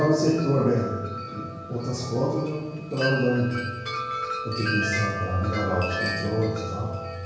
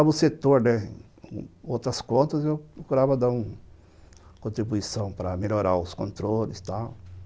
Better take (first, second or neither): second